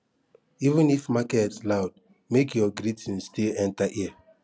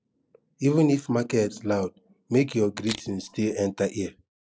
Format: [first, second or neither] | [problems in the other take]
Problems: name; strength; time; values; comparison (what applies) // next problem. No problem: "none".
first | noise reduction (neural mask model Resemble Enhance denoiser)